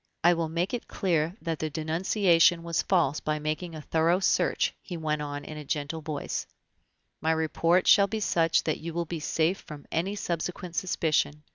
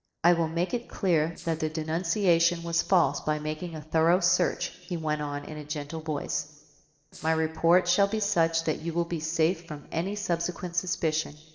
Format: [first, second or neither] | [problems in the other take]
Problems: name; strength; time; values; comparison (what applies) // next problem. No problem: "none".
first | noise reduction (neural separator model SepFormer DNS4)